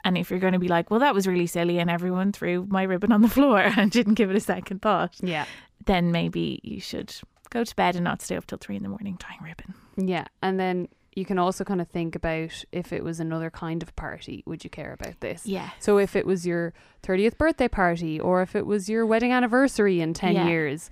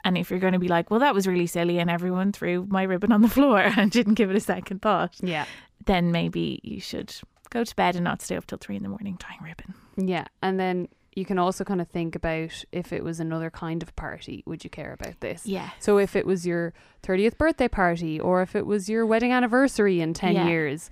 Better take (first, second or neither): neither